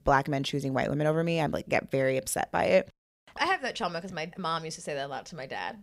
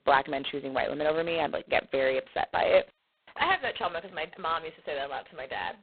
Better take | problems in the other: first | phone-call audio; poor line; nothing above 4 kHz

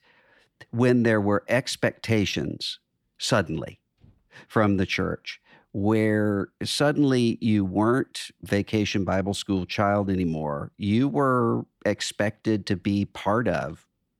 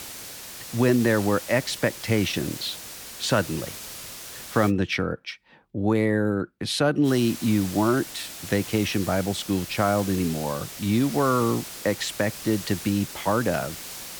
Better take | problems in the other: first | hiss; noticeable; until 4.5 s and from 7 s on; 10 dB below the speech

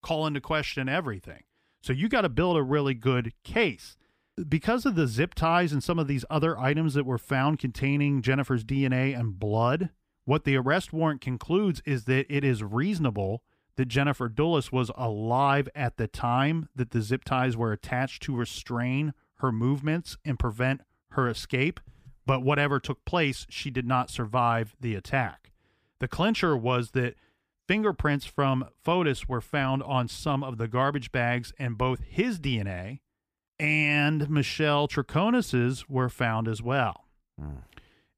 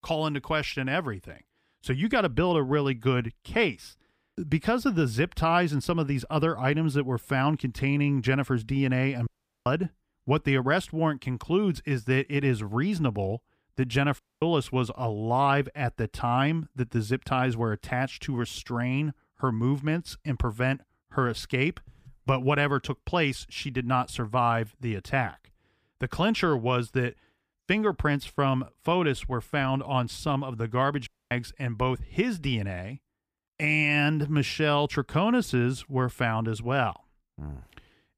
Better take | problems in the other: first | audio cutting out; at 9.5 s, at 14 s and at 31 s

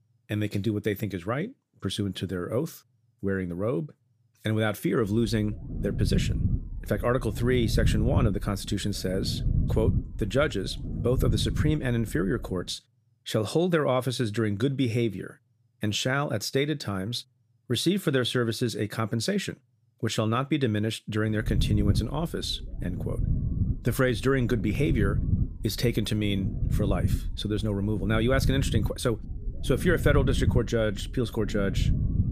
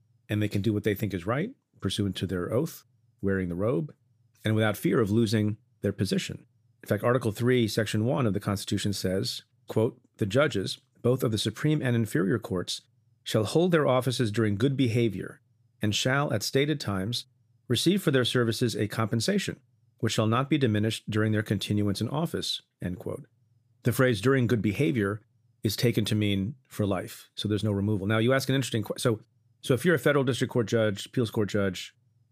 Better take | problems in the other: second | low rumble; noticeable; from 5 to 13 s and from 21 s on; 10 dB below the speech

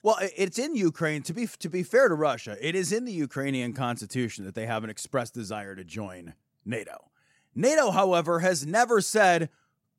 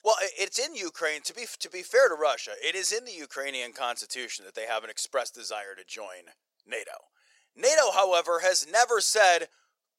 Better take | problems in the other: first | thin; very; fading below 500 Hz

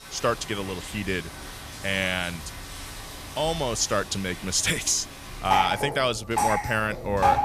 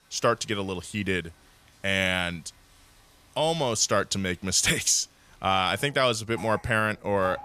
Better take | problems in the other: second | rain or running water; loud; throughout; 5 dB below the speech; faint in the second

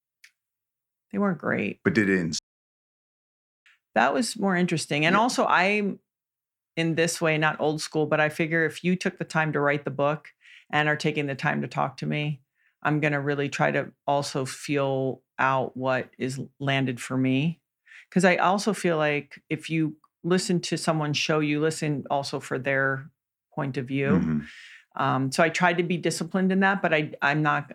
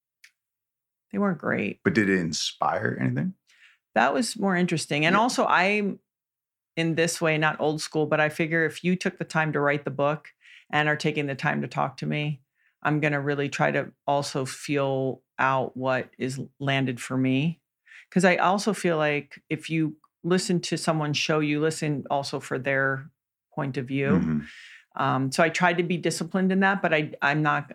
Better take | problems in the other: second | audio cutting out; at 2.5 s for 1.5 s

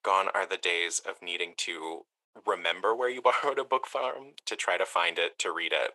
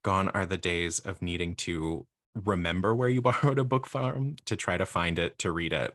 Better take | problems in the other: second | thin; very; fading below 450 Hz

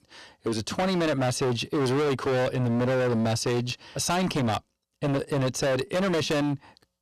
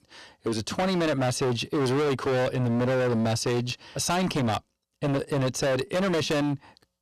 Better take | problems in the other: neither | distortion; heavy; 28% of the sound clipped; the same in both

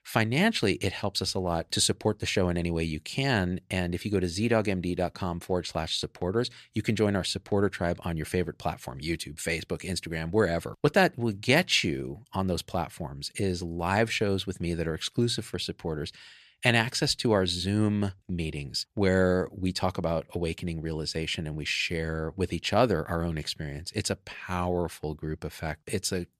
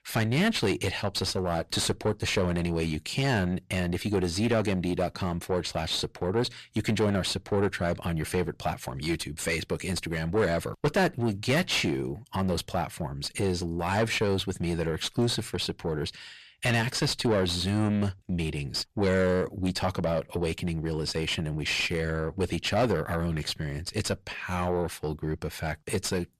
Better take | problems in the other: first | distortion; heavy; 6 dB below the speech

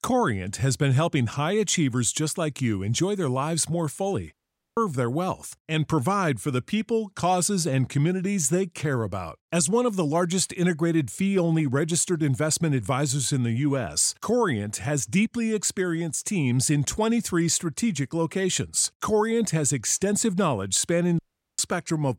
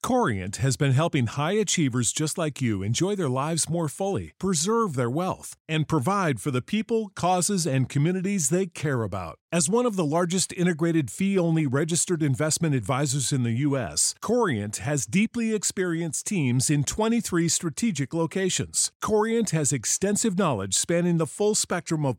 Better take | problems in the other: second | audio cutting out; at 4.5 s and at 21 s

